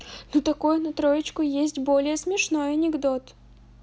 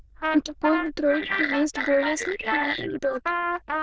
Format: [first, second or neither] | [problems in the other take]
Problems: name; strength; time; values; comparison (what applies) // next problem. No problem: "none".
first | noise reduction (neural diffusion model UNIVERSE++)